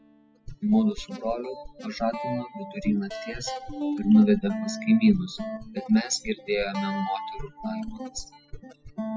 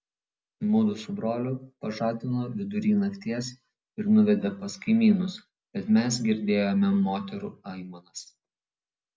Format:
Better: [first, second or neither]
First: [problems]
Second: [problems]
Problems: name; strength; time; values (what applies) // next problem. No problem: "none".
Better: second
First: noise reduction (classical method spectral subtraction)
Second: none